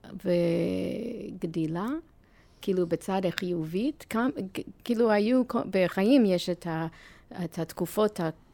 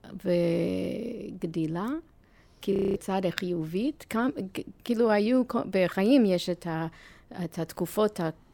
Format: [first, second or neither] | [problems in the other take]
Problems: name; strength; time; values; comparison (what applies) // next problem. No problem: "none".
first | audio freezing; at 2.5 s